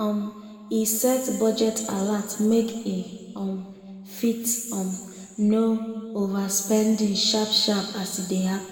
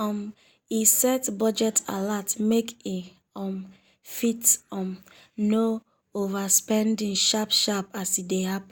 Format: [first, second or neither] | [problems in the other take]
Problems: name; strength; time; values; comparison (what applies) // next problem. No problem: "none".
second | room echo; dies away in 1.9 s